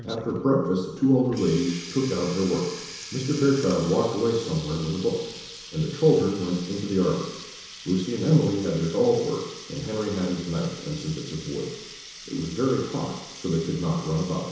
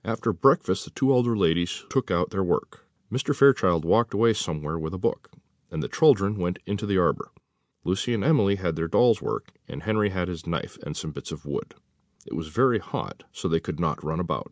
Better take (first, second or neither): second